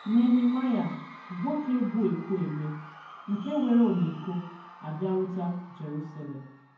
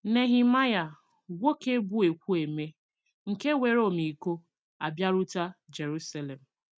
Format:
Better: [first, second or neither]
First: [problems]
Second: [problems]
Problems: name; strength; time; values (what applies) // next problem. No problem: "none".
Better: second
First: background sound (Crowd / Cheering); 19 dB below the speech // room echo; dies away in 0.9 s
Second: none